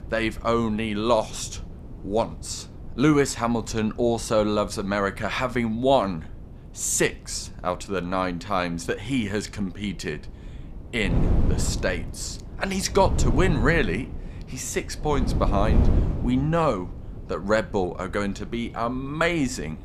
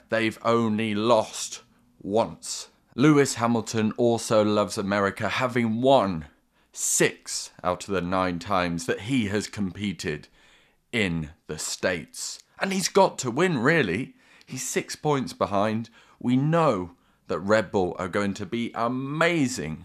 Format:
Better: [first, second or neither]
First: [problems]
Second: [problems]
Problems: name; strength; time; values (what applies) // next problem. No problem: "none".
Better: second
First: wind noise on the microphone; occasional gusts; 15 dB below the speech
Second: none